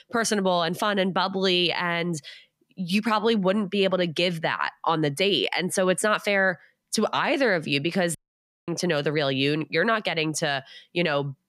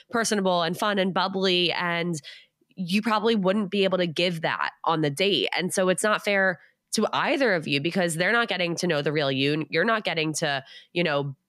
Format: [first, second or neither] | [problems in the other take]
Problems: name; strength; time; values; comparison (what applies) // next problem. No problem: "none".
second | audio cutting out; at 8 s for 0.5 s